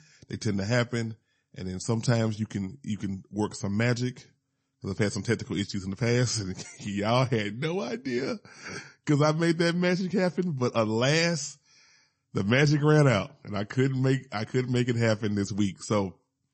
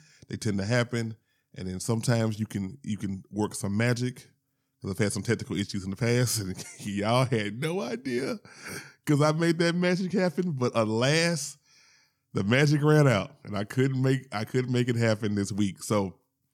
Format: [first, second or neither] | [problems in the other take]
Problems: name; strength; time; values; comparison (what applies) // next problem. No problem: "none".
second | garbled, watery; slightly; nothing above 8 kHz